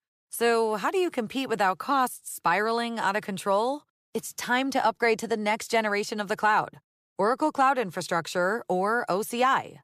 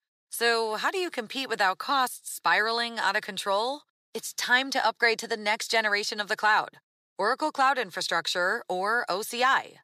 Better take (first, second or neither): first